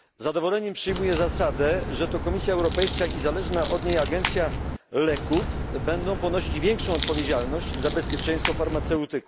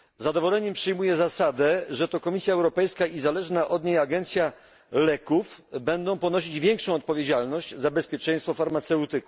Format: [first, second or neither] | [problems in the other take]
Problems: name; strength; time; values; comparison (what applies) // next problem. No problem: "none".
second | background sound (Crack); 3 dB below the speech